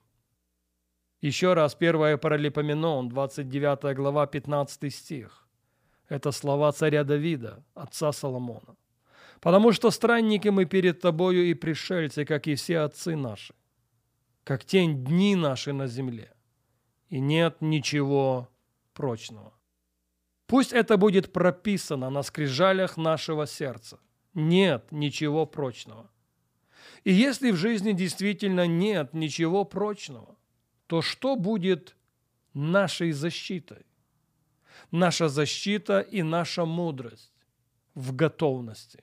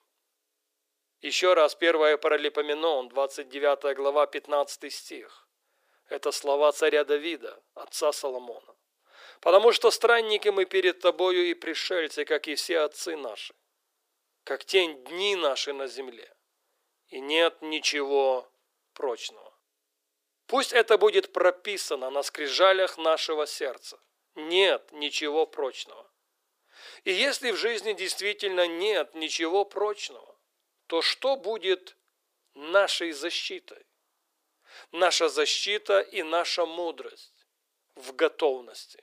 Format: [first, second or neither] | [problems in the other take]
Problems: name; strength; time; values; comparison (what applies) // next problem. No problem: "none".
first | thin; very; fading below 350 Hz